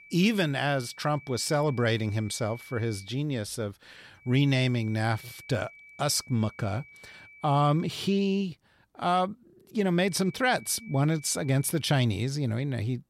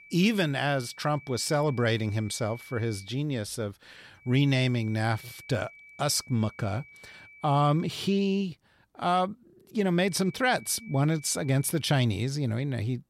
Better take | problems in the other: neither | high-pitched whine; faint; until 3 s, from 4.5 to 8 s and from 10 to 12 s; 2.5 kHz, 20 dB below the speech; the same in both

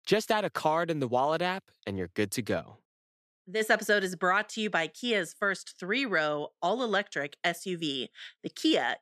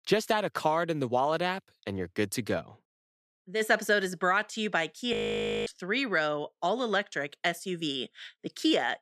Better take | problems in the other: first | audio freezing; at 5 s for 0.5 s

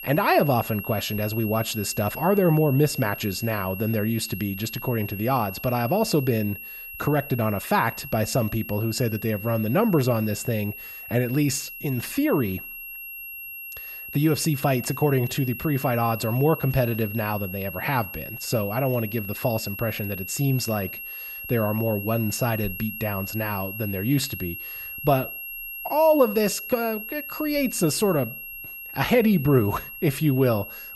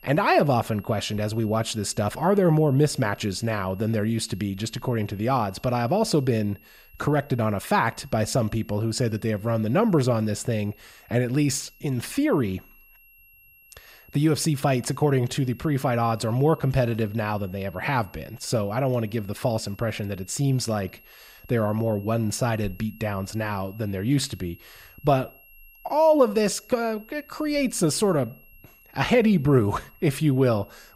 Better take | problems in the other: second | high-pitched whine; loud; throughout; 2.5 kHz, 10 dB below the speech; faint in the second

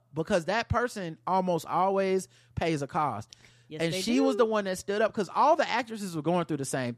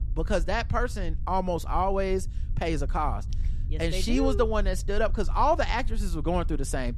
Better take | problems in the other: first | low rumble; faint; throughout; 25 dB below the speech

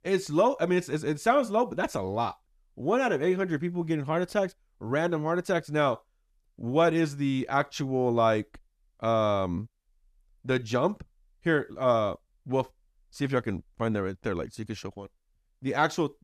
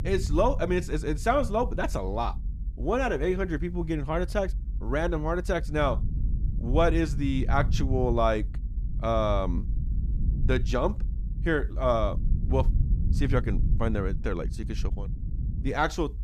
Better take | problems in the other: first | low rumble; noticeable; throughout; 20 dB below the speech

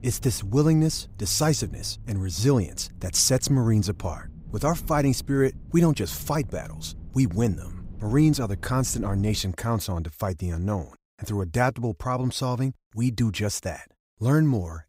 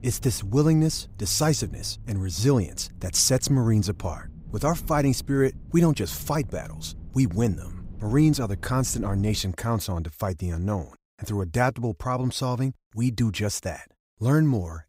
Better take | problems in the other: neither | low rumble; faint; until 9.5 s; 25 dB below the speech; the same in both

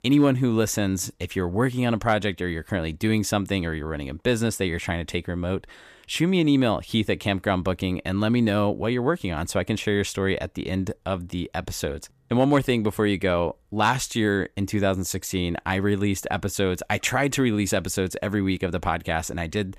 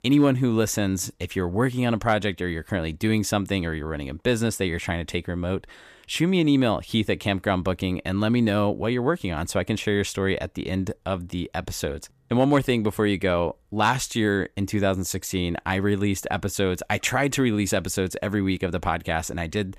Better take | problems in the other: neither | none

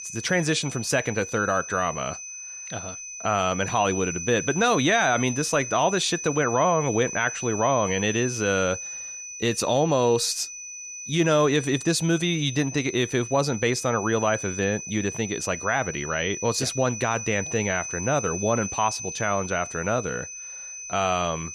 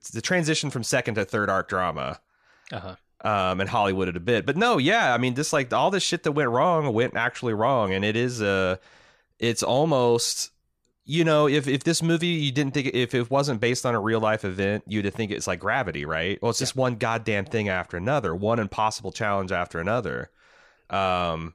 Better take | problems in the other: second | high-pitched whine; loud; throughout; 6 kHz, 8 dB below the speech

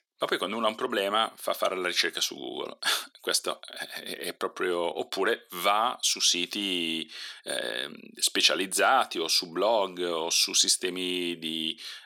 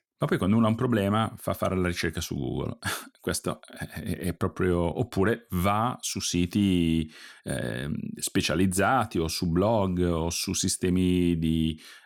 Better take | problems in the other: second | thin; very; fading below 400 Hz

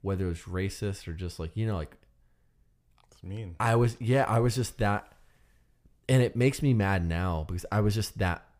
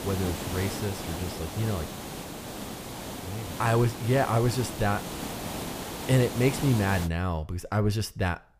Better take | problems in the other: first | hiss; loud; until 7 s; 8 dB below the speech

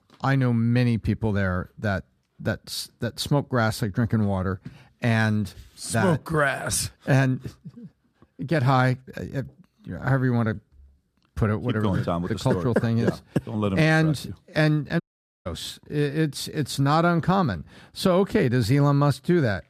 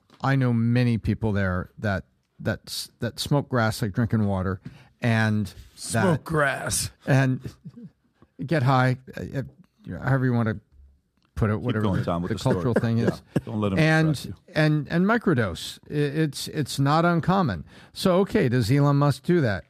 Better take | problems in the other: second | audio cutting out; at 15 s

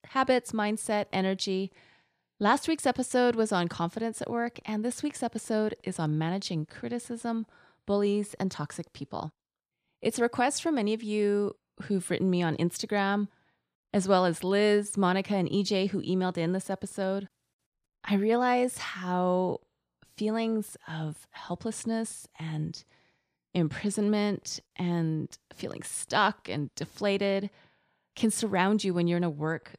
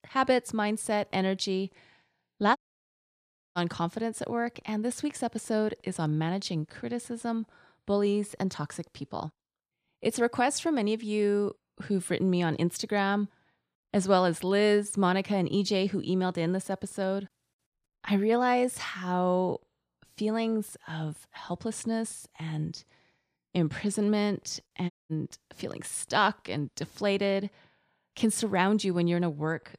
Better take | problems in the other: first | audio cutting out; at 2.5 s for 1 s and at 25 s

